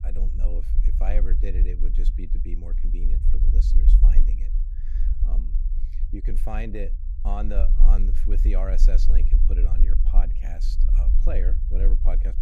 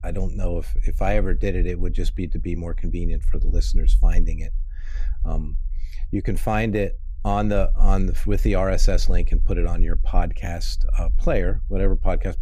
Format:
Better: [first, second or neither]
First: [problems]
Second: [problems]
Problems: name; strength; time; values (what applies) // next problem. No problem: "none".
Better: second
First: low rumble; loud; throughout; 7 dB below the speech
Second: low rumble; faint; throughout; 25 dB below the speech